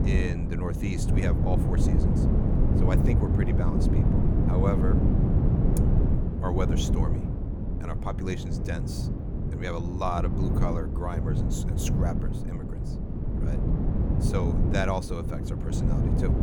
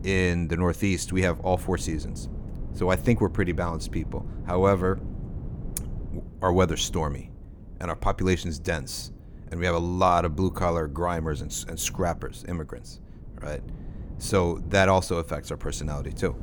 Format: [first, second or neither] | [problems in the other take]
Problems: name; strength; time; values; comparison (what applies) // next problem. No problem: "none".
second | wind noise on the microphone; heavy; 1 dB below the speech; occasional gusts in the second